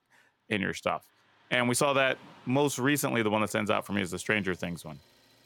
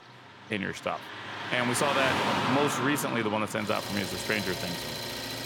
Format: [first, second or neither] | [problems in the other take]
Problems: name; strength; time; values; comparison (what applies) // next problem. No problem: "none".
first | traffic noise; loud; throughout; 1 dB below the speech; faint in the first